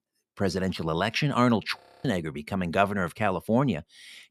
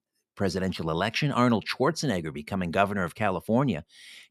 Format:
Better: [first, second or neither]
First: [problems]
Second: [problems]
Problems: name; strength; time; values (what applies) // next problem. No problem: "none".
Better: second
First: audio freezing; at 2 s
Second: none